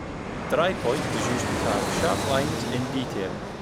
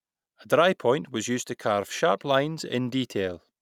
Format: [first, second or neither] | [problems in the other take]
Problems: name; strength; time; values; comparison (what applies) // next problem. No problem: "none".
second | background sound (Fixed-wing aircraft, airplane); as loud as the speech